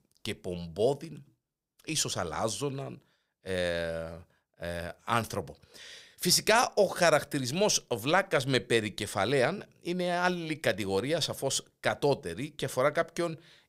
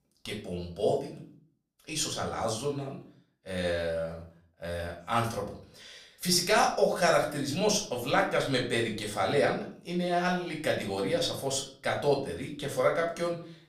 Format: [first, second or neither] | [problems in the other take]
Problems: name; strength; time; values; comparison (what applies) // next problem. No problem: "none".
first | off-mic speech; far // room echo; slight; dies away in 0.4 s